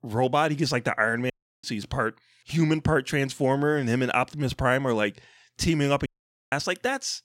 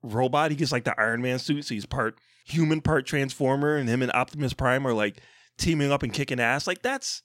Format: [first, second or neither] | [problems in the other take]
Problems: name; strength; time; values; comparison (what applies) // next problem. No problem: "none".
second | audio cutting out; at 1.5 s and at 6 s